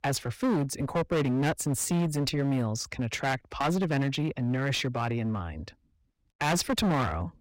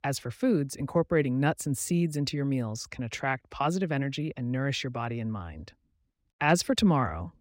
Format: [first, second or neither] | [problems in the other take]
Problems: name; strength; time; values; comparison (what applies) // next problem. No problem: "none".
second | distortion; heavy; 17% of the sound clipped